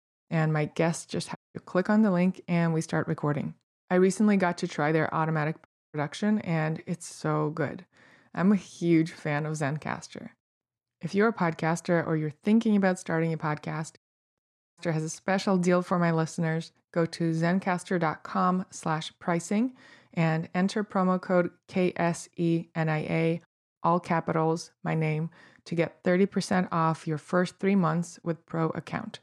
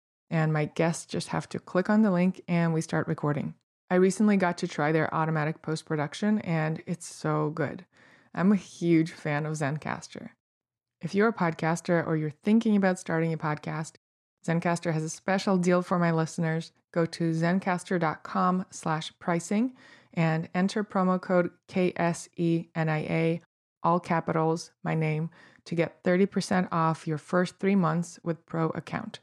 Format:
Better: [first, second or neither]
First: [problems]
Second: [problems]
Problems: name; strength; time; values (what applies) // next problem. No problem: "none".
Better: second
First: audio cutting out; at 1.5 s, at 5.5 s and at 14 s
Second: none